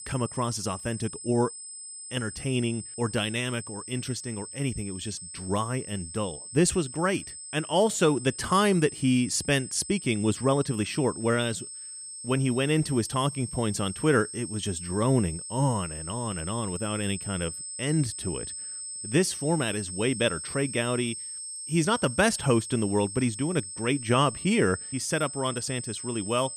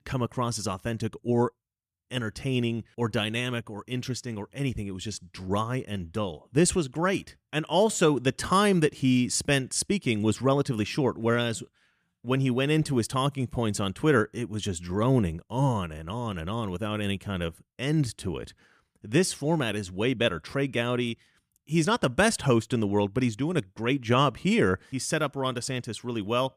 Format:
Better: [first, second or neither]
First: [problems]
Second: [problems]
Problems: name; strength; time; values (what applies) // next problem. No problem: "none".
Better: second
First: high-pitched whine; loud; throughout; 8 kHz, 9 dB below the speech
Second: none